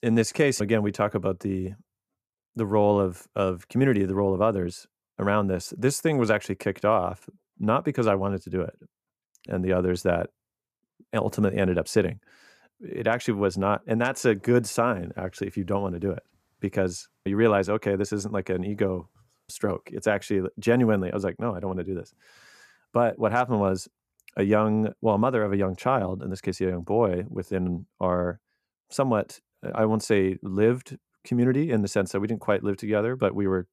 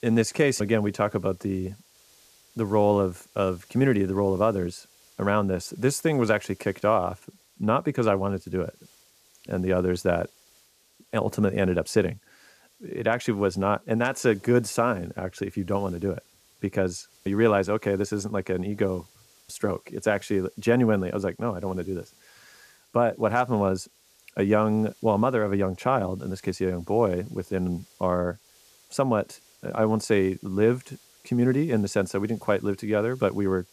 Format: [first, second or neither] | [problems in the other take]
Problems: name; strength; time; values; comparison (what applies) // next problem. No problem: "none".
first | hiss; faint; throughout; 30 dB below the speech